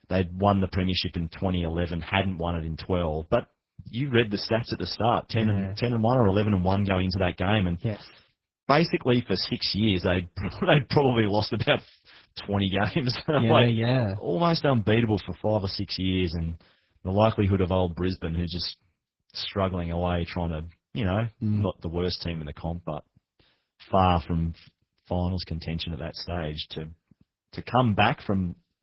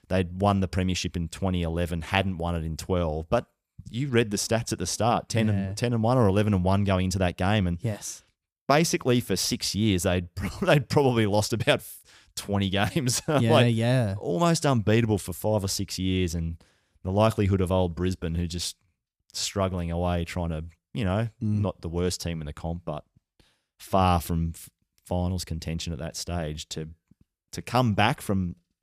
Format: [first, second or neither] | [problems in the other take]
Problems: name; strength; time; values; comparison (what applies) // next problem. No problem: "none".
second | garbled, watery; badly; nothing above 5.5 kHz